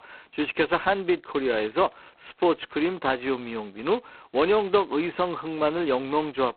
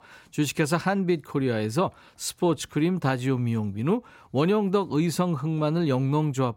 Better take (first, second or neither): second